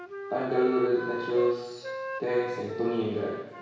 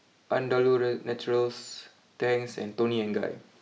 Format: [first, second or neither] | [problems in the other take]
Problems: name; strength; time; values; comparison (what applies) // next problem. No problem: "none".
second | background sound (Wind instrument, woodwind instrument); 9 dB below the speech // room echo; dies away in 1.1 s